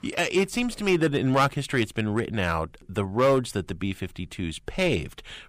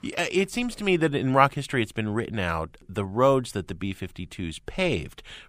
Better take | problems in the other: second | distortion; slight; 3% of the sound clipped

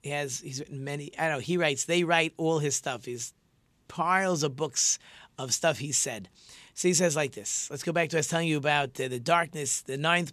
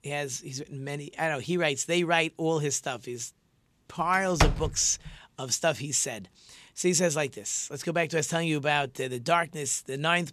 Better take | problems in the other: first | door banging; loud; at 4.5 s; peak 1 dB above the speech

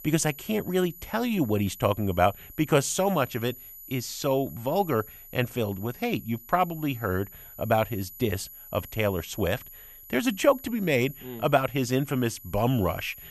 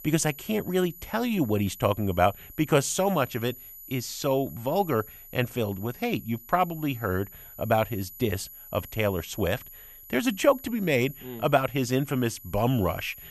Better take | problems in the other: neither | high-pitched whine; noticeable; throughout; 12 kHz, 15 dB below the speech; the same in both

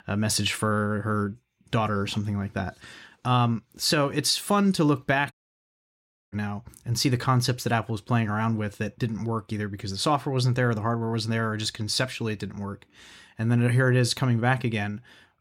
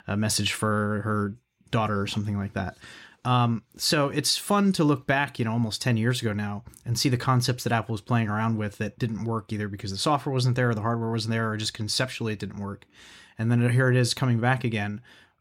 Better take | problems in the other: second | audio cutting out; at 5.5 s for 1 s

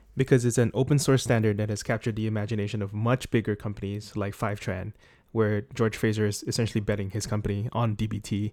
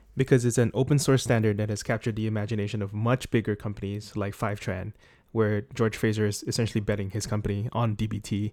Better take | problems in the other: neither | none

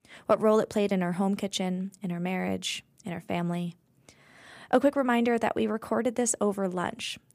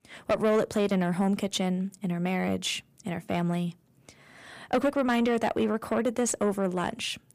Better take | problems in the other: first | distortion; slight; 10 dB below the speech

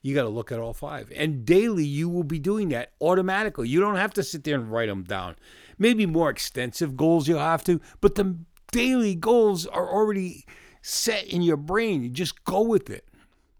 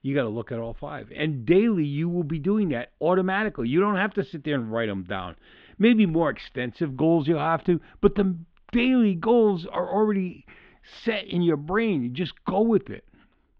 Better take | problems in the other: first | muffled; very; fading above 3.5 kHz

